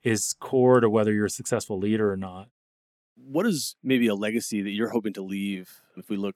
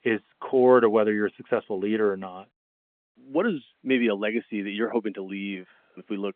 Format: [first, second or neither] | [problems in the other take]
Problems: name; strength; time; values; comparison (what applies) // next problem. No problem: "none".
first | phone-call audio; nothing above 3.5 kHz